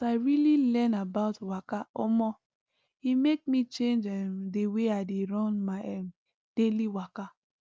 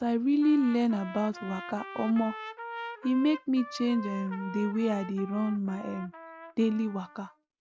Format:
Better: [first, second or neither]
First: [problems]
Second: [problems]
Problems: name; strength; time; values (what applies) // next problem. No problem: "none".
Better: first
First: none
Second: background sound (Trumpet); 14 dB below the speech